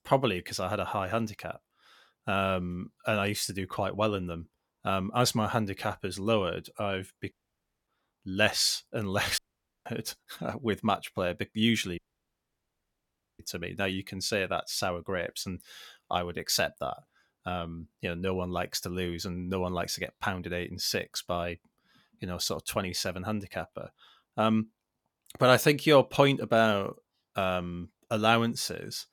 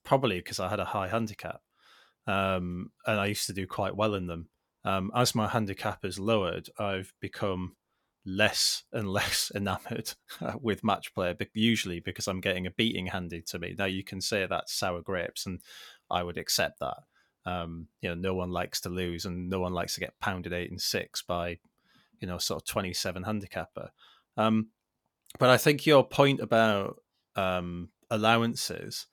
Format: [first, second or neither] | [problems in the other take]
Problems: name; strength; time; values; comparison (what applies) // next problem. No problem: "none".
second | audio cutting out; at 7.5 s for 0.5 s, at 9.5 s and at 12 s for 1.5 s